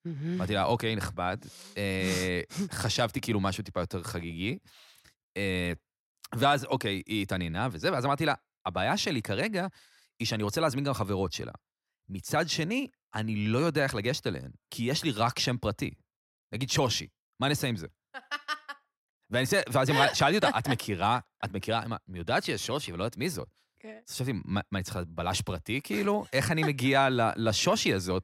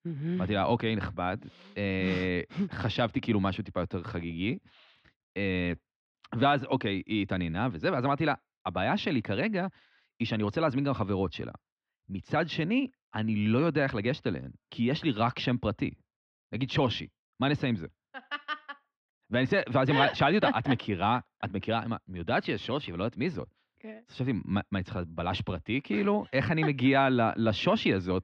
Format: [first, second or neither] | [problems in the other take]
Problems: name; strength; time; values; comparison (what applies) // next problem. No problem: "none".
first | muffled; slightly; fading above 3.5 kHz